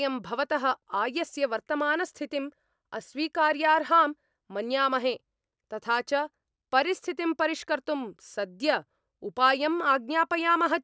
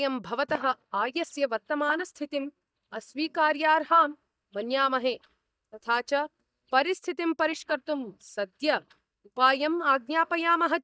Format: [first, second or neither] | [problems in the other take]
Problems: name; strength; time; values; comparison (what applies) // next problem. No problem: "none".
first | noise reduction (neural mask model DeepFilterNet 3)